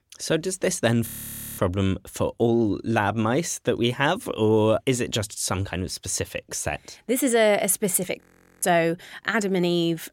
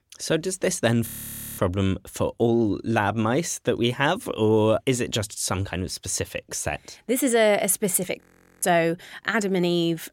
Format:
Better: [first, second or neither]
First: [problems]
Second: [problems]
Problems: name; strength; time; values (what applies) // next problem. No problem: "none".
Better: neither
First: audio freezing; at 1 s for 0.5 s and at 8 s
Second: audio freezing; at 1 s for 0.5 s and at 8 s